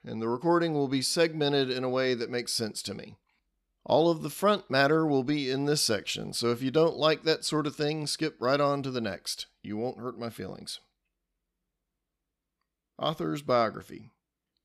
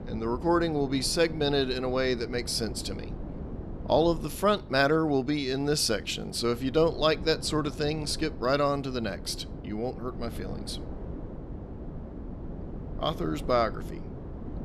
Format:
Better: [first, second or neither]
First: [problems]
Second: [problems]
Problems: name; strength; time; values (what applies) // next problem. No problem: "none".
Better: first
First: none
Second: wind noise on the microphone; occasional gusts; 20 dB below the speech